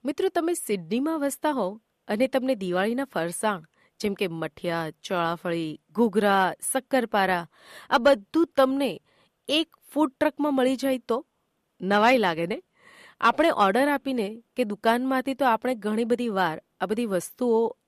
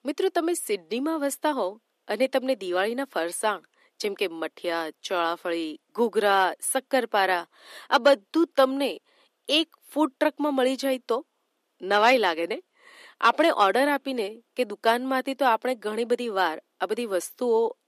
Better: first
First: none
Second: thin; very slightly; fading below 250 Hz

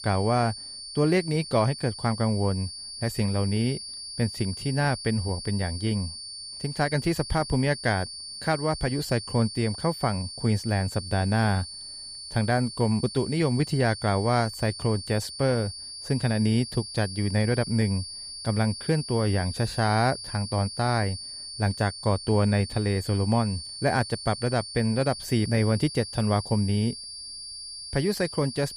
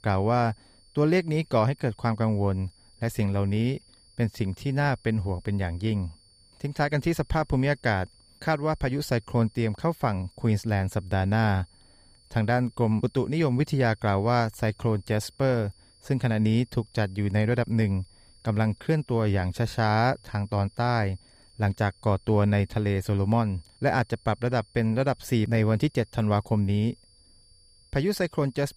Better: second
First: high-pitched whine; loud; throughout; 4.5 kHz, 9 dB below the speech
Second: high-pitched whine; faint; throughout; 4.5 kHz, 30 dB below the speech

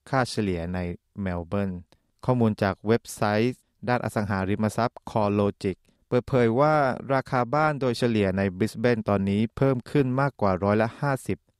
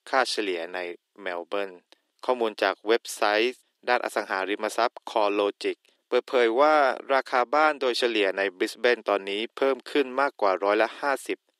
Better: first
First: none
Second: thin; very; fading below 300 Hz

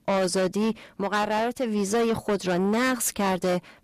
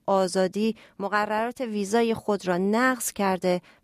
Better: second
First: distortion; heavy; 8 dB below the speech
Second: none

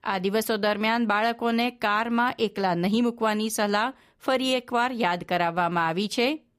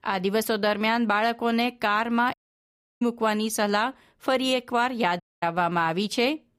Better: first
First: none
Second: audio cutting out; at 2.5 s for 0.5 s and at 5 s

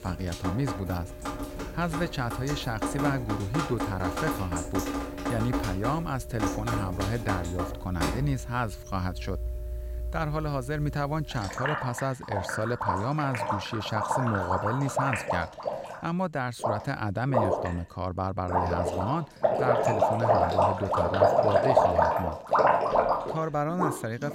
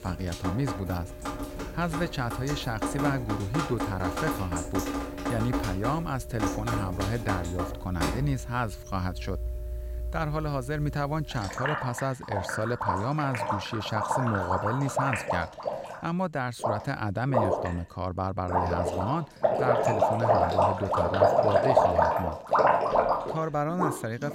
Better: neither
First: rain or running water; very loud; throughout; 2 dB above the speech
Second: rain or running water; very loud; throughout; 2 dB above the speech

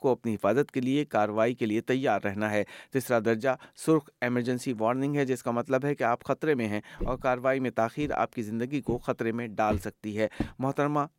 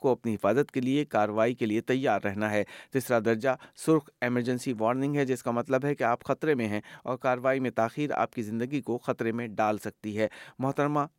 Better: second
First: footsteps; noticeable; from 7 to 10 s; peak 9 dB below the speech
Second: none

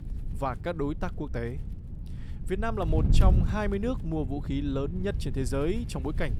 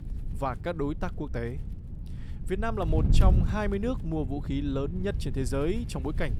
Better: neither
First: wind noise on the microphone; occasional gusts; 10 dB below the speech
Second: wind noise on the microphone; occasional gusts; 10 dB below the speech

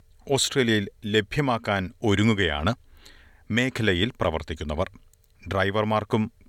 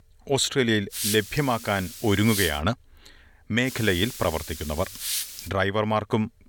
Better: first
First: none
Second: hiss; loud; from 1 to 2.5 s and from 3.5 to 5.5 s; 7 dB below the speech

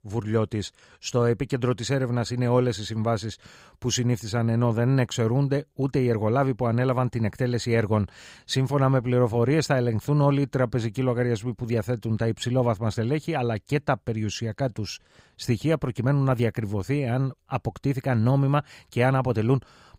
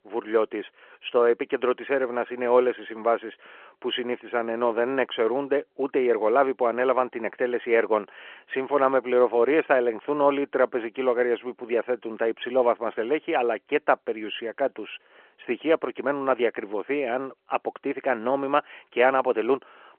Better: first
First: none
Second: phone-call audio

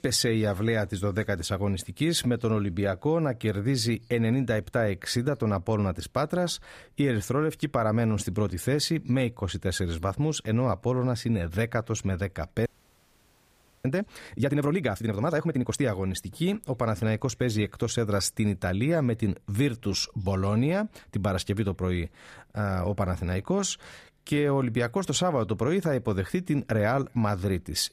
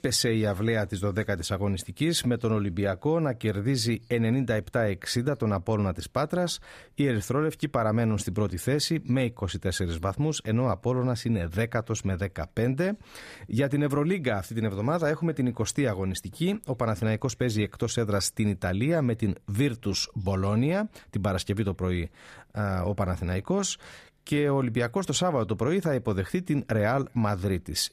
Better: second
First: audio freezing; at 13 s for 1 s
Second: none

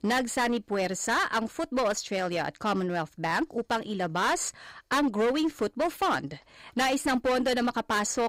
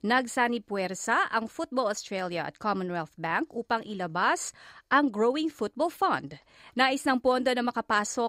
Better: second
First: distortion; heavy; 13% of the sound clipped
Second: none

